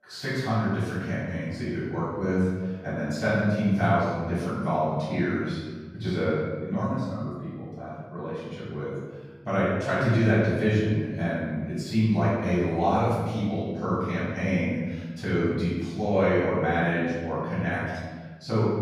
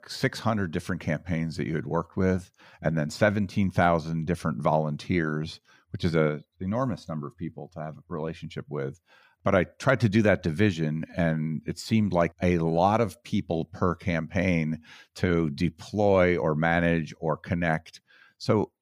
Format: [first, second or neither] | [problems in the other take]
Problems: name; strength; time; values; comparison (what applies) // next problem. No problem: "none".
second | off-mic speech; far // room echo; strong; dies away in 1.2 s